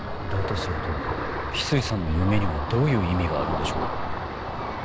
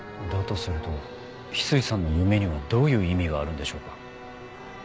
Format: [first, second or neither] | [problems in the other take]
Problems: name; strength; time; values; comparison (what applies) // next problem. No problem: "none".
second | background sound (Ocean); 2 dB below the speech